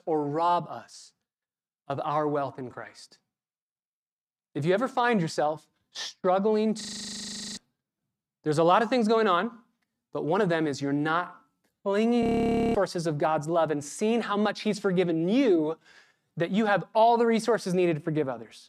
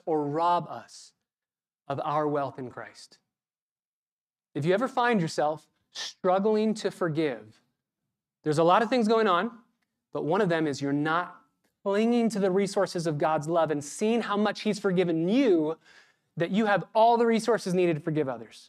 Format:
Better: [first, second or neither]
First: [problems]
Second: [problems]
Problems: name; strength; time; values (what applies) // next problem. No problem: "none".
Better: second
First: audio freezing; at 7 s for 1 s and at 12 s for 0.5 s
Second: none